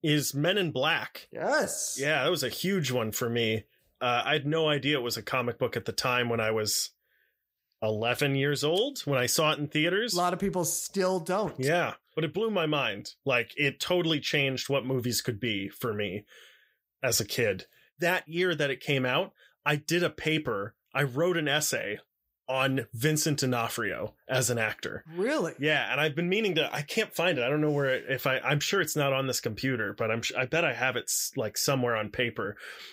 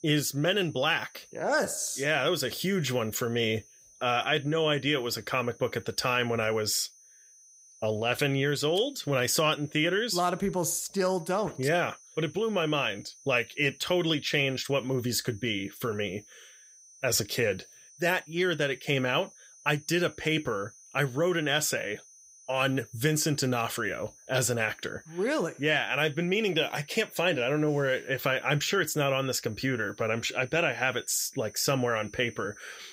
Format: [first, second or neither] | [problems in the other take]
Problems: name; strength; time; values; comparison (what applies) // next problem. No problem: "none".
first | high-pitched whine; faint; throughout; 6 kHz, 25 dB below the speech